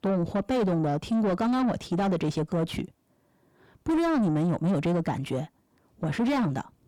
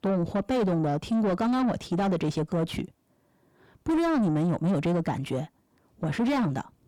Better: neither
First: distortion; heavy; 6 dB below the speech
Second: distortion; heavy; 6 dB below the speech

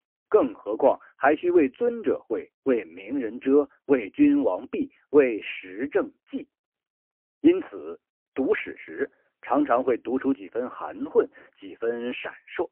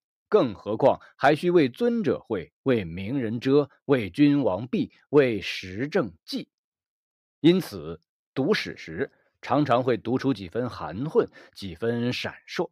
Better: second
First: phone-call audio; poor line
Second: none

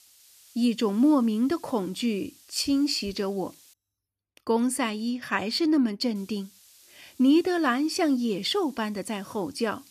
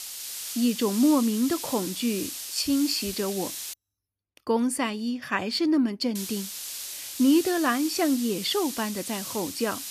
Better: first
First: hiss; faint; until 3.5 s and from 6 s on; 25 dB below the speech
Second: hiss; loud; until 3.5 s and from 6 s on; 8 dB below the speech

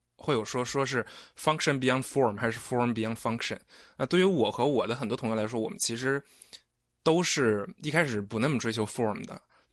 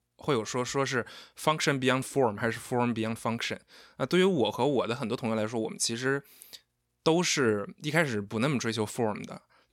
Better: second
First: garbled, watery; slightly; nothing above 12 kHz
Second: none

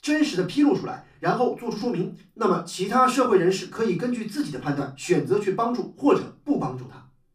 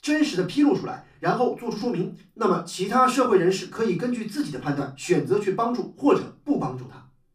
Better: neither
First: off-mic speech; far // room echo; very slight; dies away in 0.3 s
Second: off-mic speech; far // room echo; very slight; dies away in 0.3 s

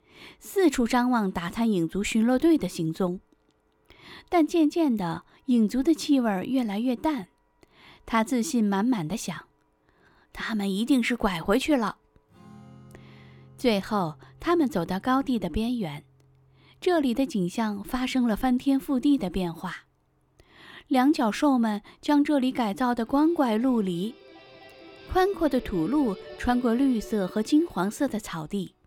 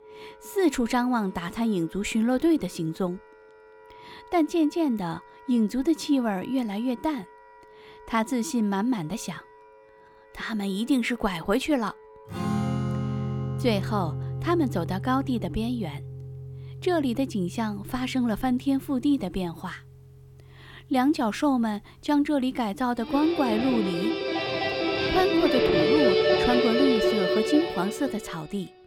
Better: first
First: background music; faint; throughout; 25 dB below the speech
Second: background music; loud; throughout; 1 dB below the speech

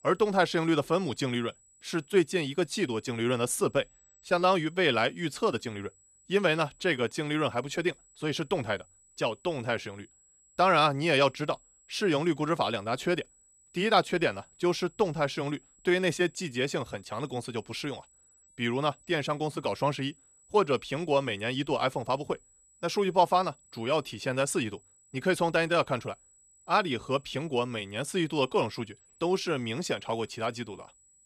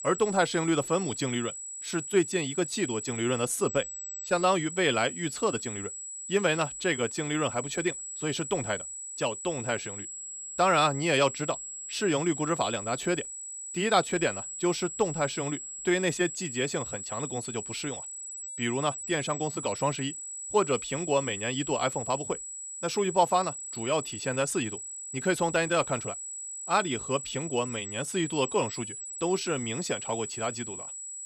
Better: first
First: high-pitched whine; faint; throughout; 8 kHz, 30 dB below the speech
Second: high-pitched whine; loud; throughout; 8 kHz, 7 dB below the speech

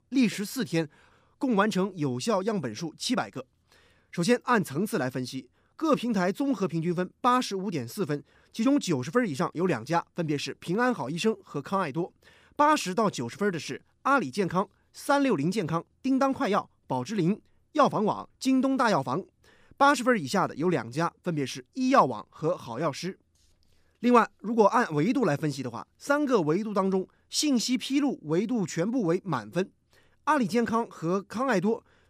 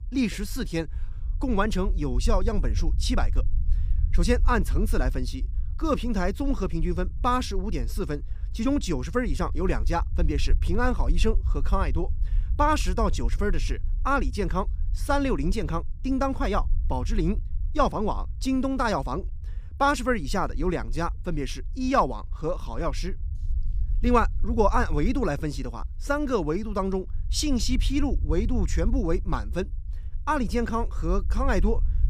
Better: first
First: none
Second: low rumble; faint; throughout; 25 dB below the speech

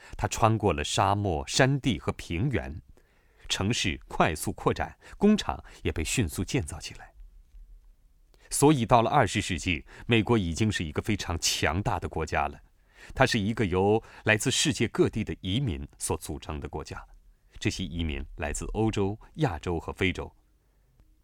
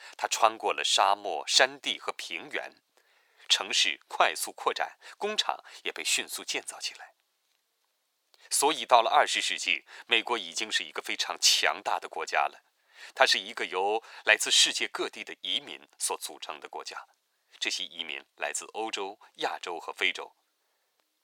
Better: first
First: none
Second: thin; very; fading below 550 Hz

